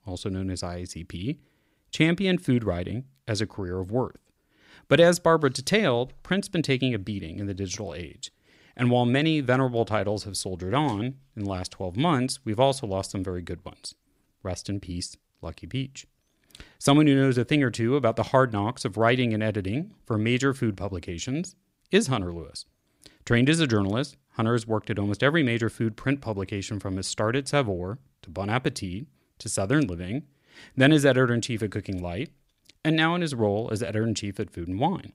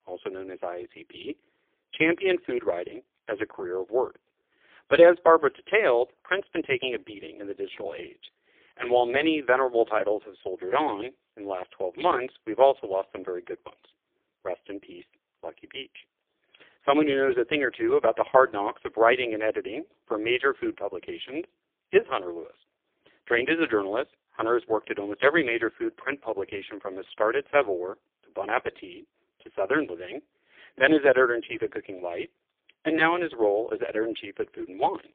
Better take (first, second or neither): first